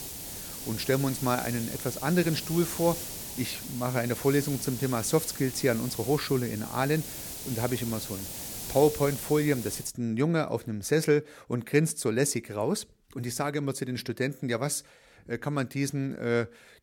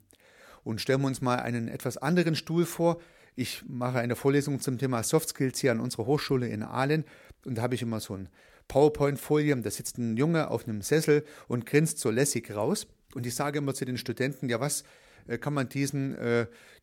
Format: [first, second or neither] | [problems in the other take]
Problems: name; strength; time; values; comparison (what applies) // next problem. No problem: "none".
second | hiss; loud; until 10 s; 8 dB below the speech